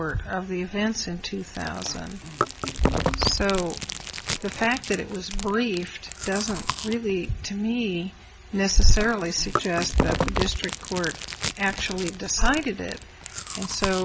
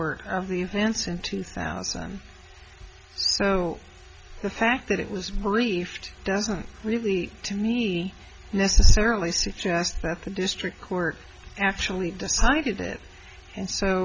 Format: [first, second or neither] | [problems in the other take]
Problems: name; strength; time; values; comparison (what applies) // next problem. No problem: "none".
second | background sound (Chewing, mastication); 5 dB below the speech